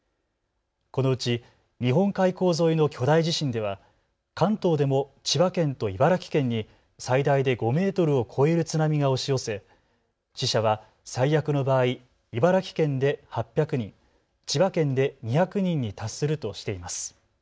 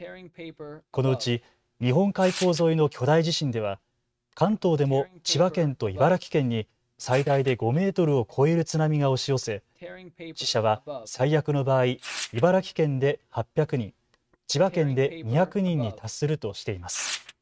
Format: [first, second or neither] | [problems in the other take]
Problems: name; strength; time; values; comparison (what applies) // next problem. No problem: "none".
first | noise reduction (neural mask model RNNoise)